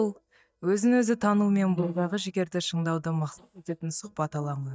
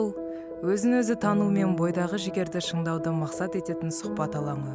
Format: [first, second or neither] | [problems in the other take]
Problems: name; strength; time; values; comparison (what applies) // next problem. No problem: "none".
second | noise reduction (neural mask model DeepFilterNet 3)